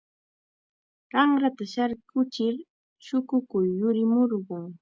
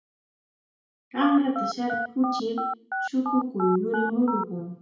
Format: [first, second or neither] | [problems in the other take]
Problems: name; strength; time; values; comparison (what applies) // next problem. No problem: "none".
first | background sound (Telephone); 4 dB below the speech // room echo; dies away in 0.5 s